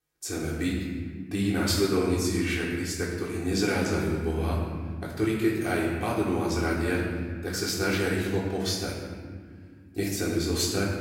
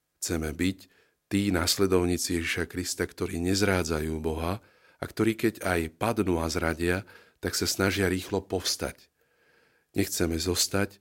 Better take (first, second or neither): second